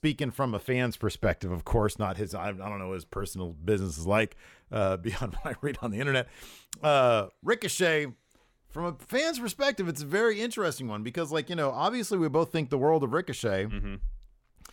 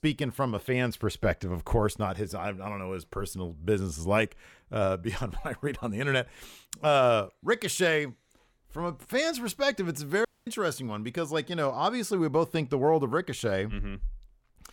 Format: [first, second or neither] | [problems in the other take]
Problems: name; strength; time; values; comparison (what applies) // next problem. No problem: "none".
first | audio cutting out; at 10 s